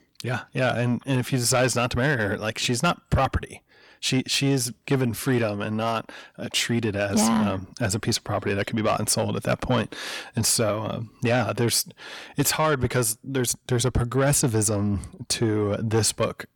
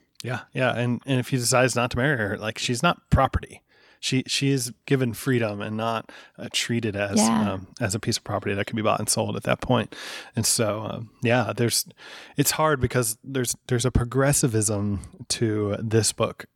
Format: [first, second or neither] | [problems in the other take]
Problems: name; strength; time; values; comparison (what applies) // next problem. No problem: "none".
second | distortion; slight; 10 dB below the speech